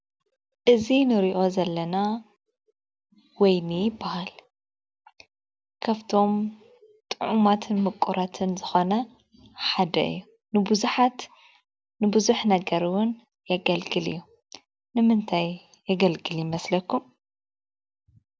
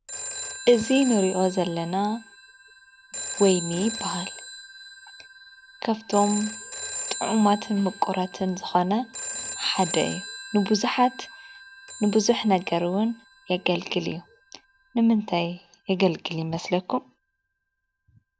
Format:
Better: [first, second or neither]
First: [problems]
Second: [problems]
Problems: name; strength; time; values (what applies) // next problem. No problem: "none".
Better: first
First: none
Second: background sound (Telephone); 12 dB below the speech